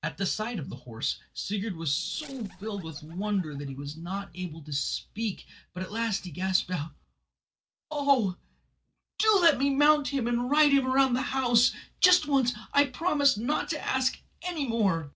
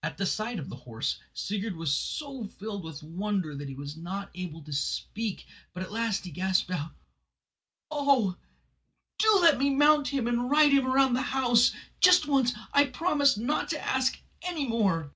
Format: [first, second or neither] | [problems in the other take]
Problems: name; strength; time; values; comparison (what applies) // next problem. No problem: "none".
second | noise reduction (neural separator model SepFormer DNS4)